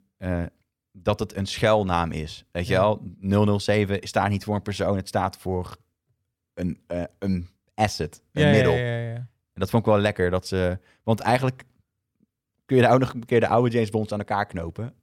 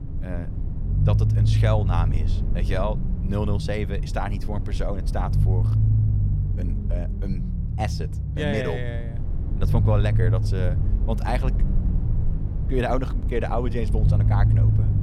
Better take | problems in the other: first | low rumble; loud; throughout; 7 dB below the speech

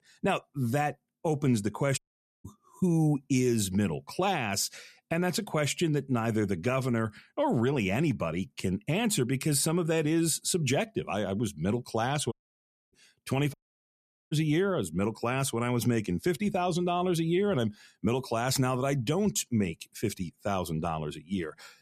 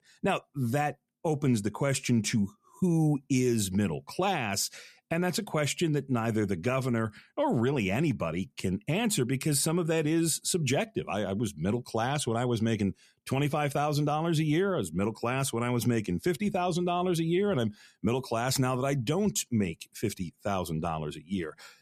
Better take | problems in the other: second | audio cutting out; at 2 s, at 12 s for 0.5 s and at 14 s for 1 s

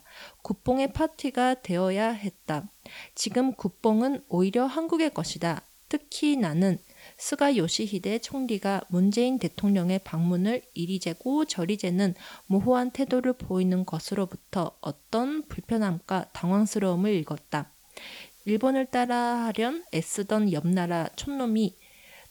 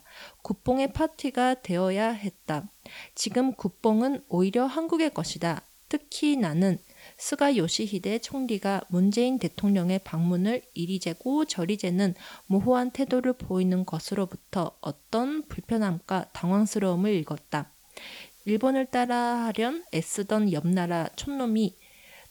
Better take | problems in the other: neither | hiss; faint; throughout; 25 dB below the speech; the same in both

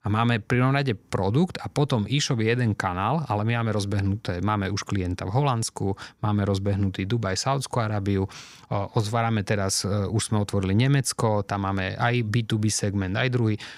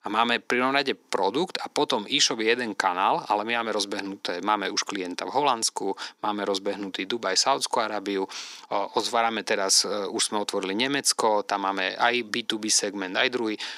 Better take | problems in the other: first | thin; somewhat; fading below 300 Hz

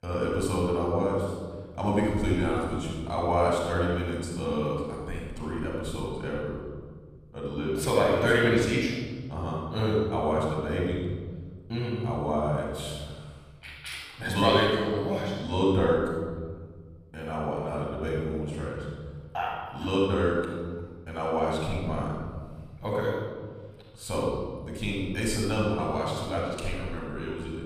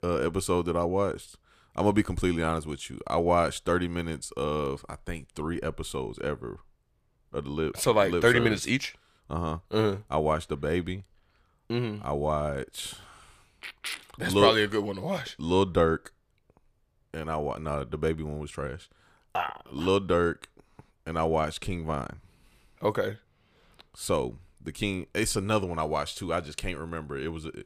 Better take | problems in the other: second | room echo; strong; dies away in 1.8 s // off-mic speech; far

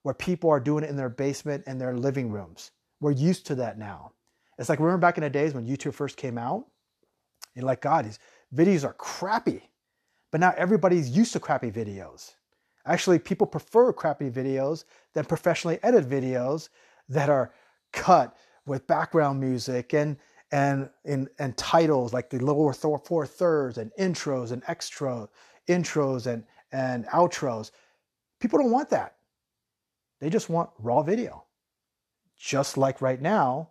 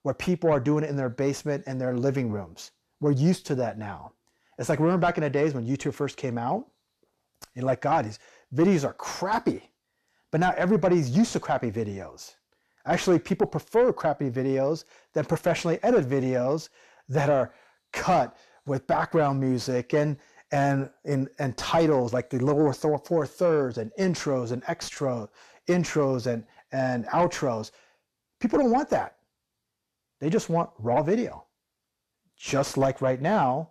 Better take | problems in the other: first | distortion; slight; 10 dB below the speech

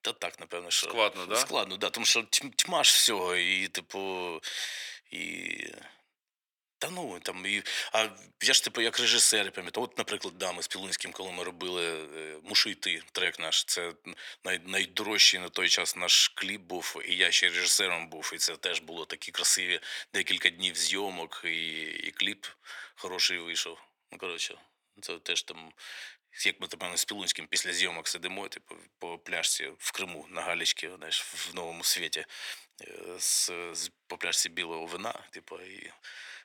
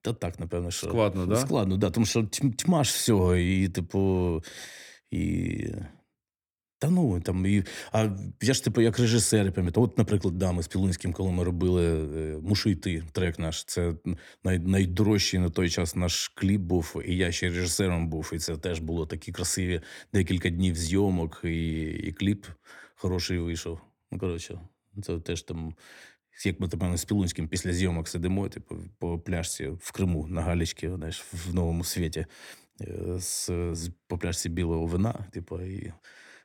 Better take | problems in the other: second | thin; very; fading below 750 Hz

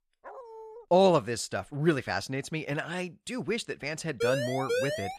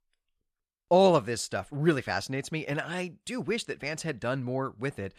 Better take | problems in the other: second | dog barking; faint; at the start; peak 15 dB below the speech // siren; noticeable; at 4 s; peak 1 dB below the speech

